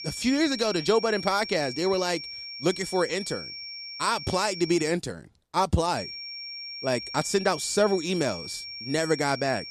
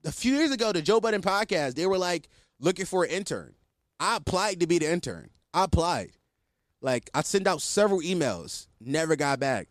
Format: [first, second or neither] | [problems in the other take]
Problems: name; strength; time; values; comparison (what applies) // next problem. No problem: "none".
second | high-pitched whine; loud; until 5 s and from 6 s on; 5.5 kHz, 9 dB below the speech